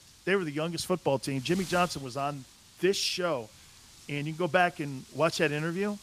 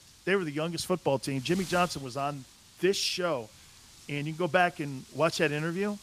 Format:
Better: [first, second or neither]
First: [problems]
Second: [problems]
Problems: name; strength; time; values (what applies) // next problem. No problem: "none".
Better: neither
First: wind noise on the microphone; occasional gusts; 20 dB below the speech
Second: wind noise on the microphone; occasional gusts; 20 dB below the speech